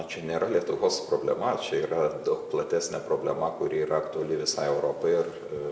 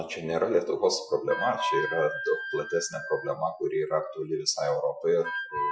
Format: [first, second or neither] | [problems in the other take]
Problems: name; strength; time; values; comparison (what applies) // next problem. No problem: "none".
first | noise reduction (classical method Wiener filter)